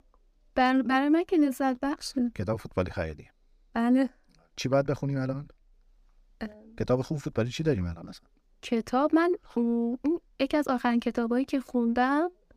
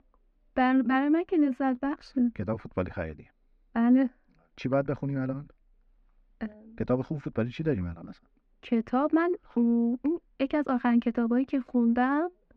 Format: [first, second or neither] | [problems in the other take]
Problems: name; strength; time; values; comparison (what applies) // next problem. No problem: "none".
first | muffled; slightly; fading above 2 kHz